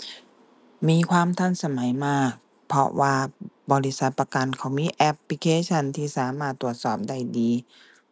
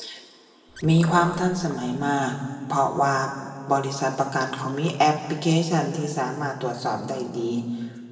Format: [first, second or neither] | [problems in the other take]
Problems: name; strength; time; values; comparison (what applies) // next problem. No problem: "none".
first | background sound (Car); 15 dB below the speech // room echo; dies away in 1.7 s